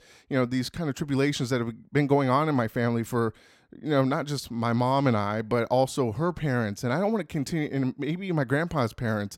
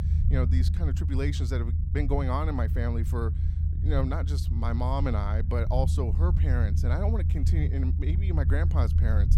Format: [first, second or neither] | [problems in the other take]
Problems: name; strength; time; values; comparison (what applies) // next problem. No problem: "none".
first | low rumble; loud; throughout; 7 dB below the speech